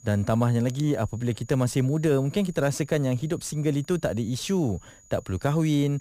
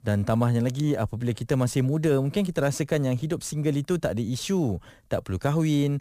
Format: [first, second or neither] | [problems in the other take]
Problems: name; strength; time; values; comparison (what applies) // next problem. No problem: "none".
second | high-pitched whine; faint; throughout; 7 kHz, 25 dB below the speech